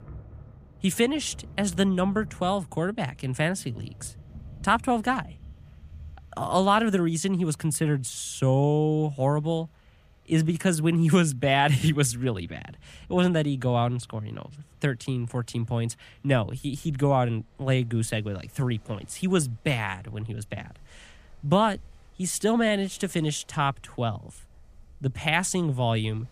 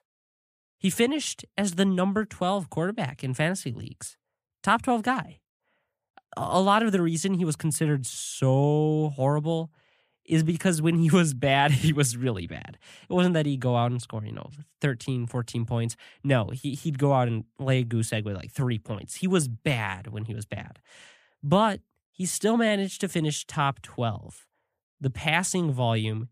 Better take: second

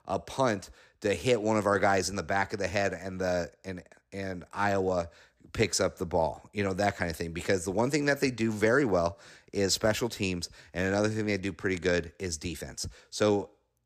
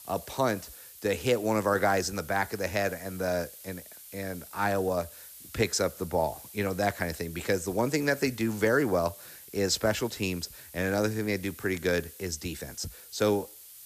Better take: first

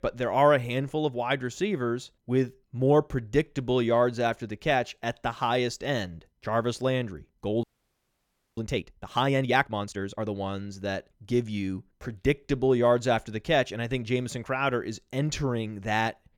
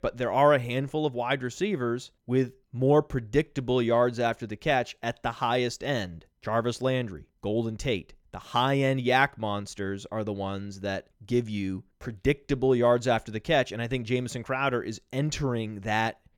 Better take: second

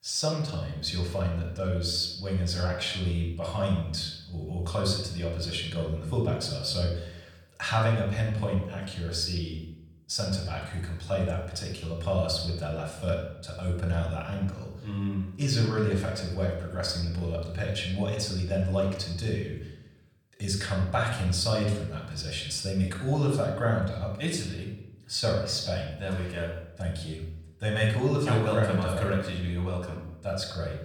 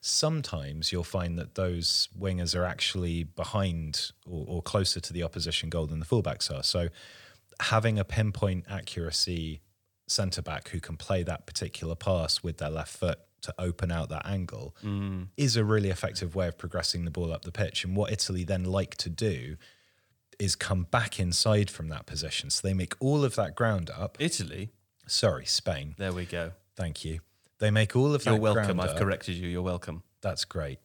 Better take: second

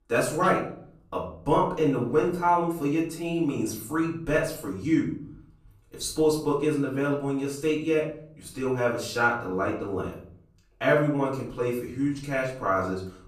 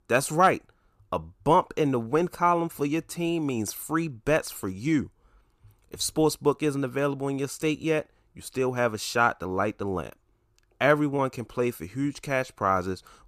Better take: second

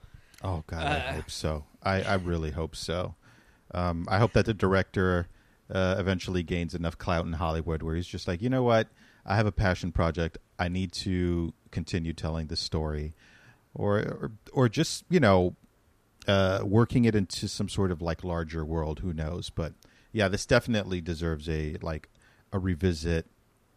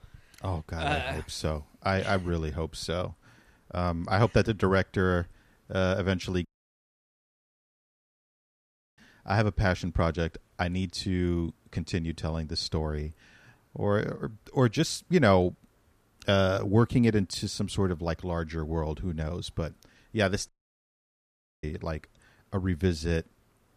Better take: first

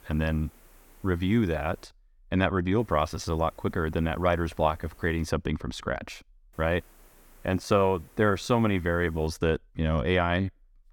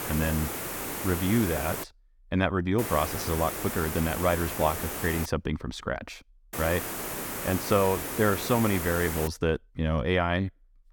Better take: first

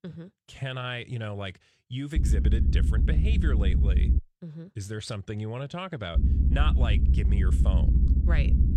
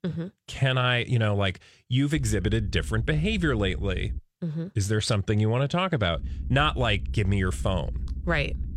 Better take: second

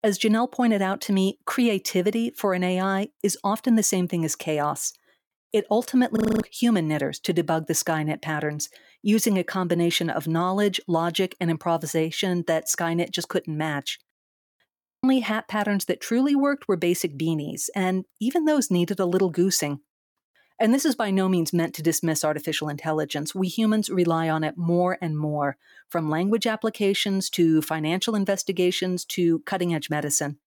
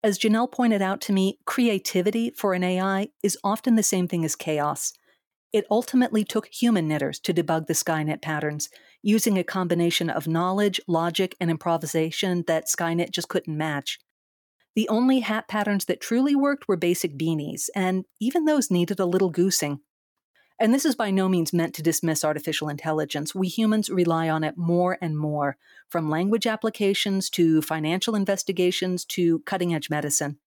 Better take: second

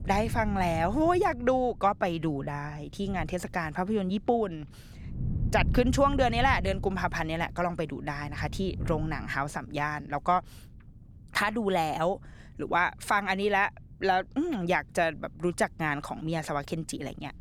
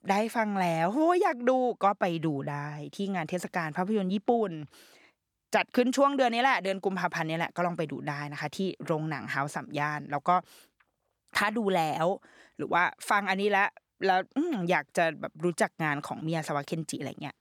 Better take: second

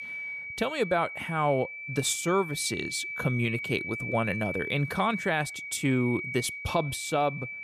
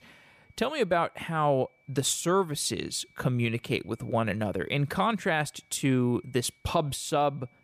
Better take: second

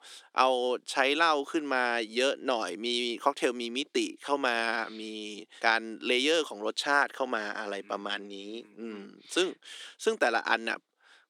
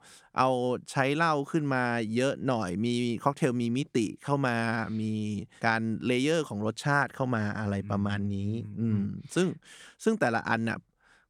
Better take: second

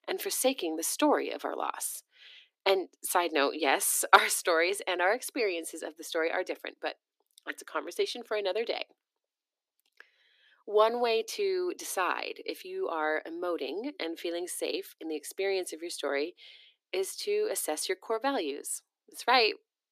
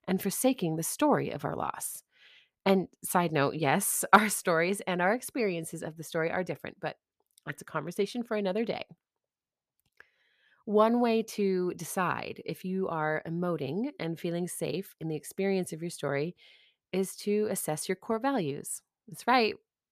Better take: second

